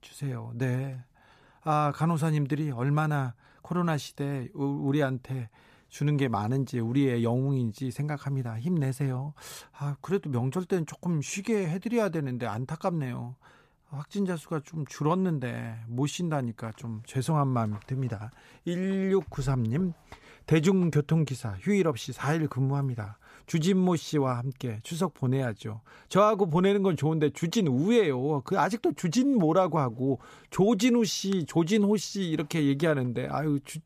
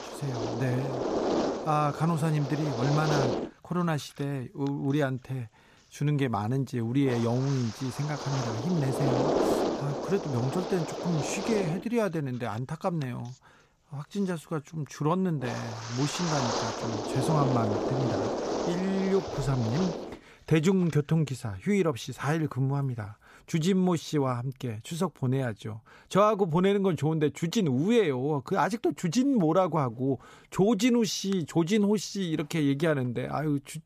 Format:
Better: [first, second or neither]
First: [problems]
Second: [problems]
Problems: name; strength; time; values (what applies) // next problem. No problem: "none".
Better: first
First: none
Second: wind noise on the microphone; heavy; until 21 s; 1 dB below the speech